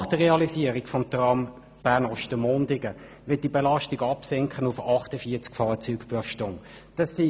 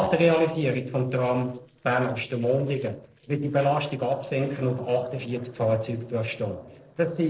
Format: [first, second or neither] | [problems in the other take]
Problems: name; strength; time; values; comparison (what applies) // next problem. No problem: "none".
first | noise reduction (neural separator model SepFormer DNS4)